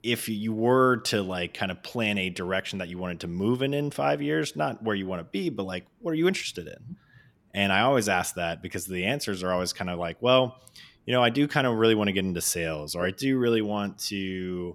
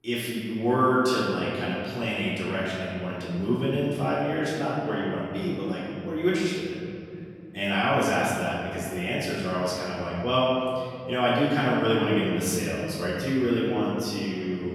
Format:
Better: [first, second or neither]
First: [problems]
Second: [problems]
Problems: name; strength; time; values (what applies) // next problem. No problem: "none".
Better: first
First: none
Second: off-mic speech; far // room echo; strong; dies away in 2.6 s